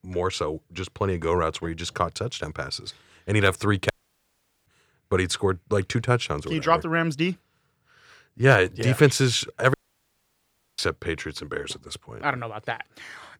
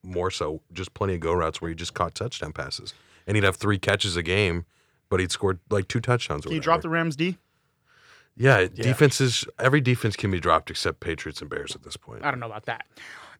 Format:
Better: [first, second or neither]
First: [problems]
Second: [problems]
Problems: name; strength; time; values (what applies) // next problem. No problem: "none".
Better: second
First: audio cutting out; at 4 s for 1 s and at 9.5 s for 1 s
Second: none